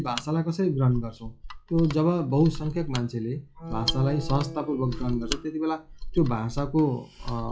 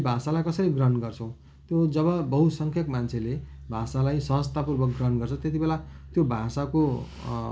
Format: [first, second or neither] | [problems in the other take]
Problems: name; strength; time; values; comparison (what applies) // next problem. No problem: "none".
second | noise reduction (classical method log-MMSE)